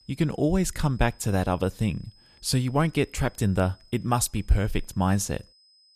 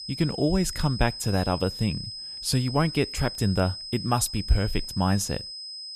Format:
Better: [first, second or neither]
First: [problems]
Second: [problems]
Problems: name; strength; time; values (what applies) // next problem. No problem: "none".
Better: first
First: high-pitched whine; faint; throughout; 5 kHz, 30 dB below the speech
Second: high-pitched whine; loud; throughout; 5 kHz, 9 dB below the speech